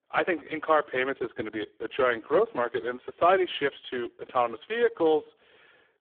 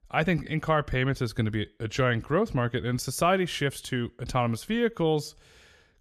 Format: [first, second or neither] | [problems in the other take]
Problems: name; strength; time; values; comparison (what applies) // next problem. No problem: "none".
second | phone-call audio; poor line